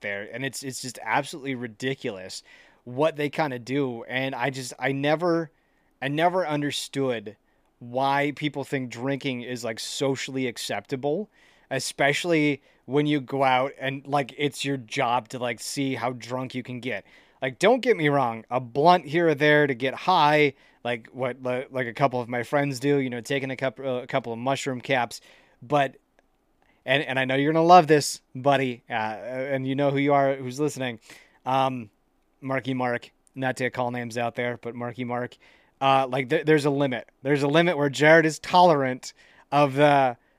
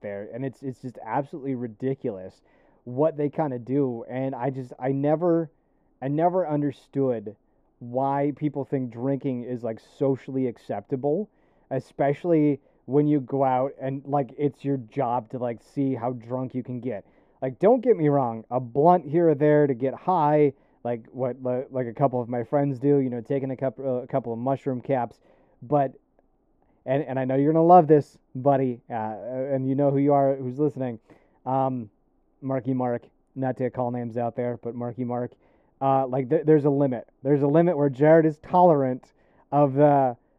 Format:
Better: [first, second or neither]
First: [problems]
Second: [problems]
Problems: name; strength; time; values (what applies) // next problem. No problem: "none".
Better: first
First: none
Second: muffled; very; fading above 1.5 kHz